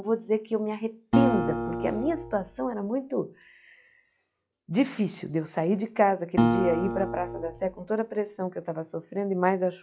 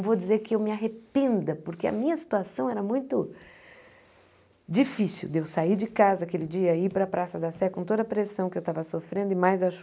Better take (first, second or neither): second